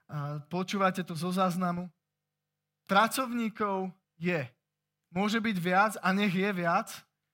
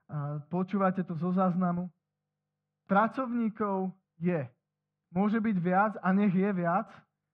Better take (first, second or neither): first